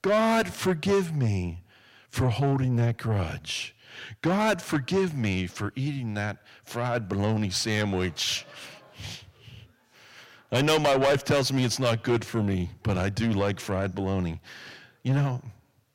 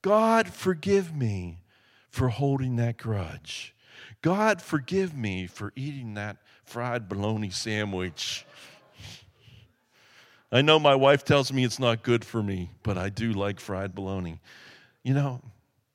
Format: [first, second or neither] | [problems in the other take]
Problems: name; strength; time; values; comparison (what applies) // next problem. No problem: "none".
second | distortion; heavy; 6 dB below the speech